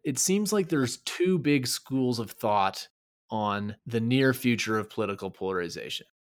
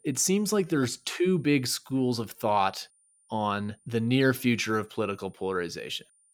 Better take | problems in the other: first | high-pitched whine; faint; throughout; 9 kHz, 35 dB below the speech

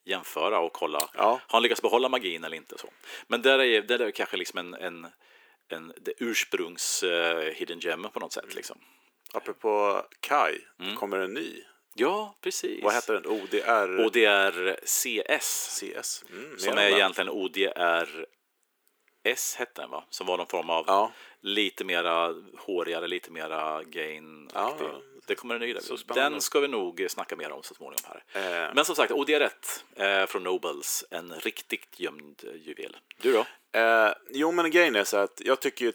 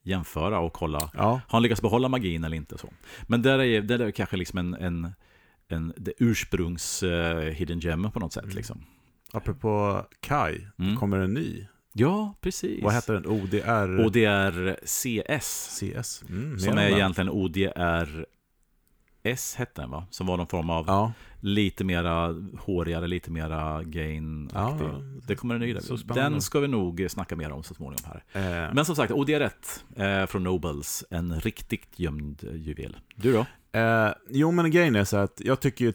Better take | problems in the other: second | thin; very; fading below 350 Hz

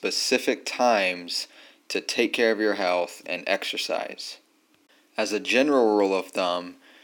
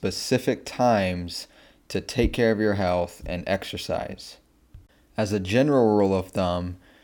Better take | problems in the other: second | thin; very slightly; fading below 300 Hz

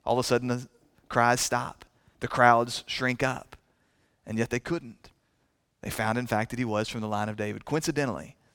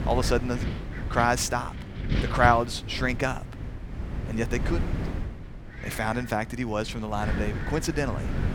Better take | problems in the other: first | wind noise on the microphone; occasional gusts; 10 dB below the speech

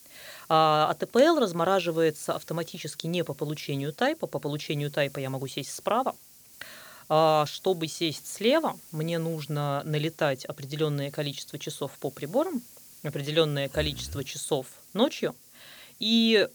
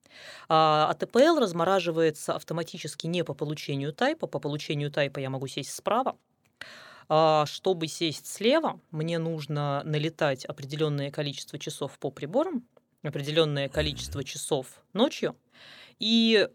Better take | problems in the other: second | hiss; faint; throughout; 20 dB below the speech

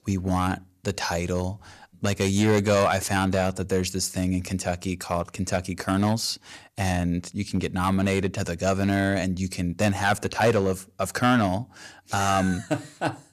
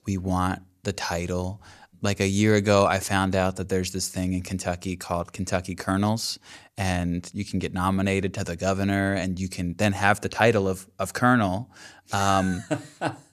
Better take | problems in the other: second | distortion; slight; 3% of the sound clipped

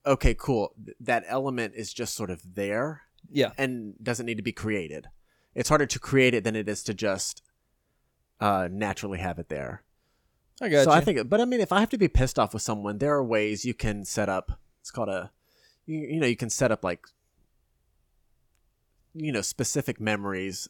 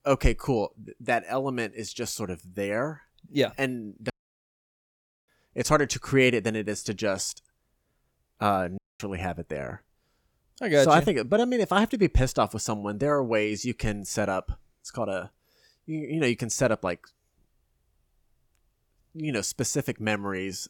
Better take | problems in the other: first | audio cutting out; at 4 s for 1 s and at 9 s

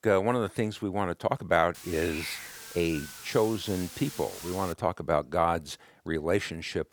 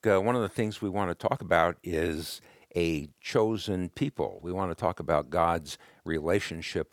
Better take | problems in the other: second | hiss; noticeable; from 1.5 to 4.5 s; 10 dB below the speech

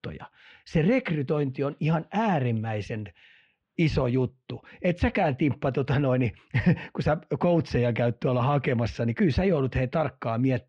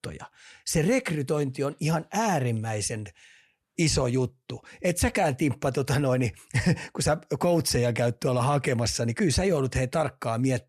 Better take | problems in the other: second | muffled; very; fading above 3.5 kHz

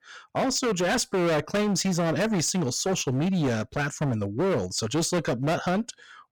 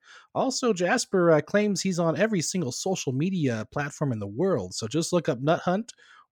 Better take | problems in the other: second | distortion; heavy; 24% of the sound clipped

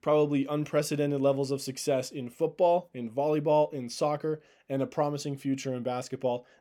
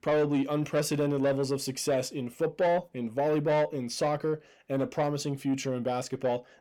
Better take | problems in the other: first | distortion; slight; 10 dB below the speech

